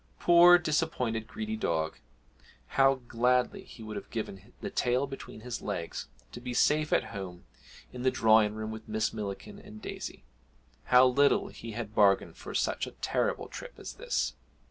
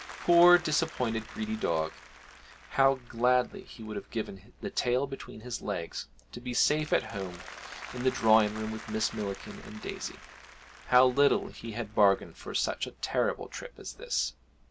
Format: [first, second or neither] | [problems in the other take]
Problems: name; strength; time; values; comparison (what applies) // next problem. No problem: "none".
first | background sound (Applause); 19 dB below the speech